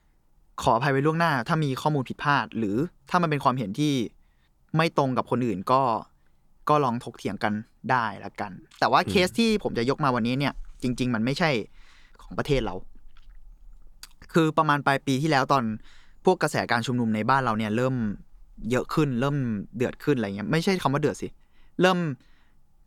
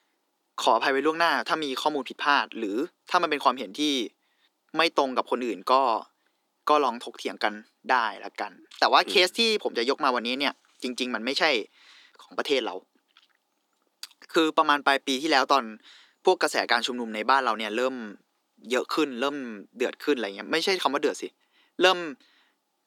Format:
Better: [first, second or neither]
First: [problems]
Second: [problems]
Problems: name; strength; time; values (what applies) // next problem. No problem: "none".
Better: first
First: none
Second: thin; somewhat; fading below 300 Hz